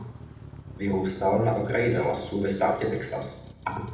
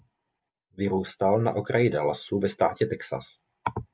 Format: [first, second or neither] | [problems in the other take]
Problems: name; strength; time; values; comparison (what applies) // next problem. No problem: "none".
second | background sound (Motor vehicle (road)); 15 dB below the speech // room echo; dies away in 0.8 s